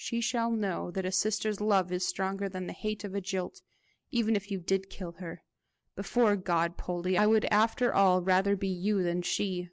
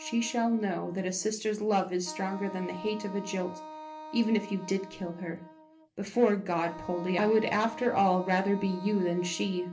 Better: first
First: none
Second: background sound (Wind instrument, woodwind instrument); 15 dB below the speech // room echo; dies away in 0.3 s

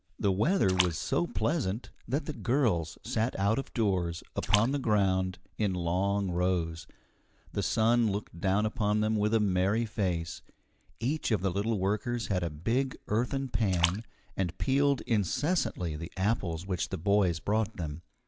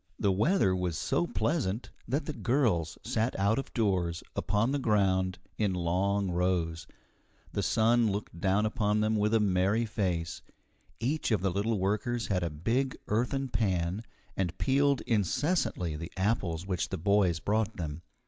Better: second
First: background sound (Splash, splatter); 12 dB below the speech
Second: none

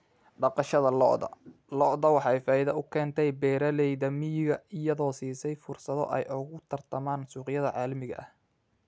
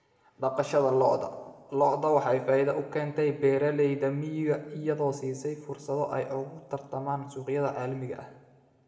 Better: first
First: none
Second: room echo; dies away in 1.2 s

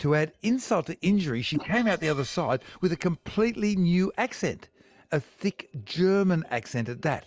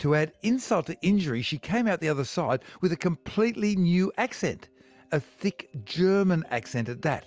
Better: second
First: noise reduction (neural mask model Resemble Enhance denoiser)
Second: none

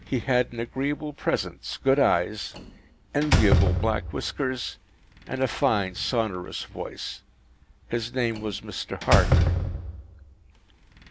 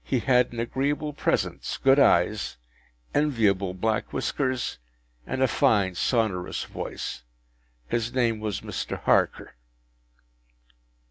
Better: second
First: background sound (Slam); 1 dB below the speech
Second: none

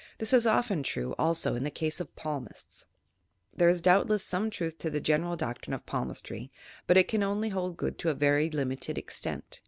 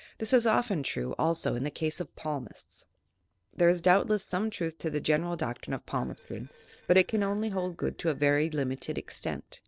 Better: first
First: none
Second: noise reduction (neural separator model SepFormer DNS4)

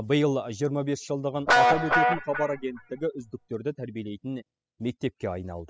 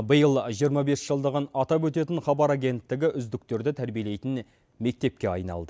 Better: second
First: noise reduction (classical method spectral subtraction)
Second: none

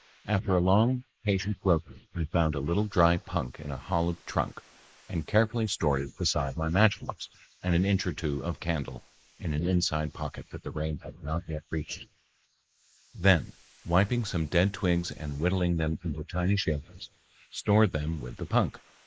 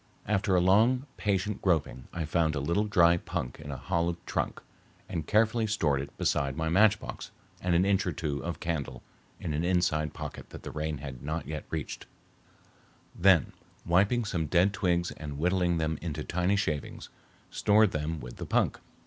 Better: second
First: noise reduction (neural mask model Resemble Enhance denoiser)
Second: none

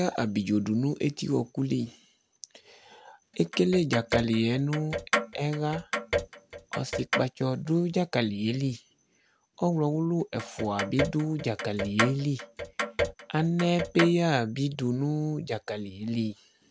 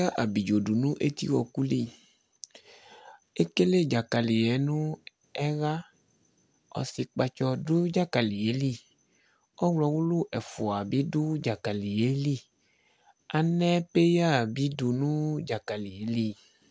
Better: second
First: background sound (Clock); 4 dB below the speech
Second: none

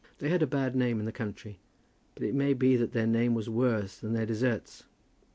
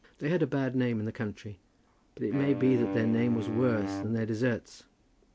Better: first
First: none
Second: background sound (Wind instrument, woodwind instrument); 7 dB below the speech

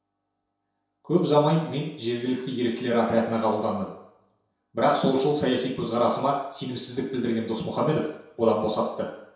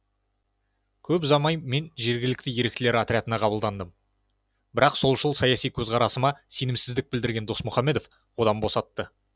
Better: second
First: room echo; dies away in 0.7 s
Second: none

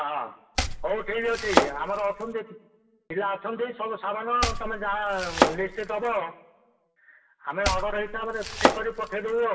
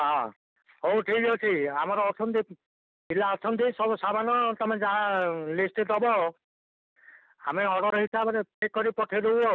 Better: second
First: background sound (Domestic sounds, home sounds); 1 dB above the speech // room echo; dies away in 1 s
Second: none

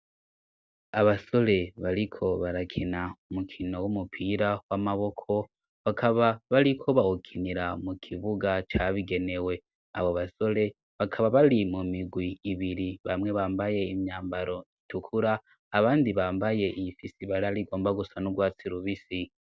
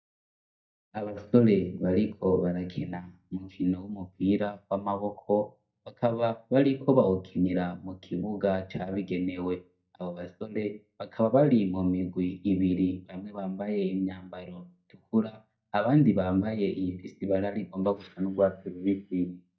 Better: first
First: none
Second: noise reduction (neural mask model DeepFilterNet 3)

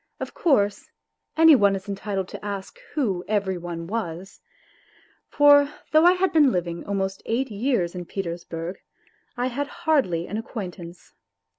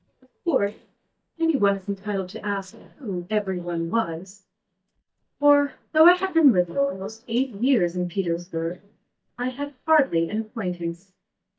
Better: first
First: none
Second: noise reduction (neural mask model DeepFilterNet 3)

